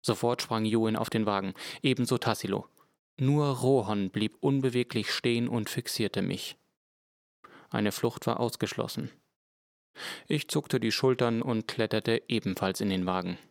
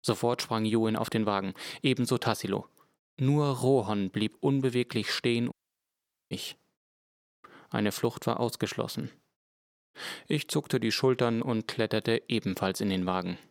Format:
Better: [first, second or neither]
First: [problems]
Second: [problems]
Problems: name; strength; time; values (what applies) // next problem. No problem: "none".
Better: first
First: none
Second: audio cutting out; at 5.5 s for 1 s